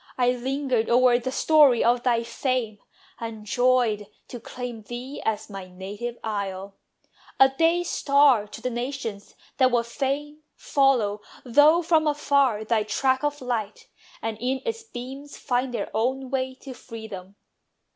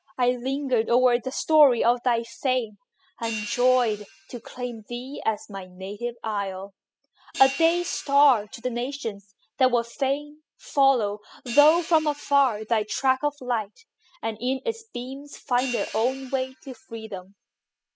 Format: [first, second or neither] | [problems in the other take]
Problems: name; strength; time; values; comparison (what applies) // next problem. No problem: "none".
first | noise reduction (classical method spectral subtraction)